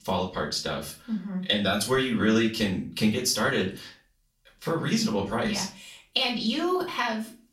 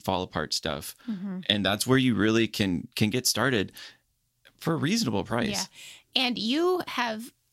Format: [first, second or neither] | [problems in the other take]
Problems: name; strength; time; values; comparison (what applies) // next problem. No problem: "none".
second | off-mic speech; far // room echo; slight; dies away in 0.3 s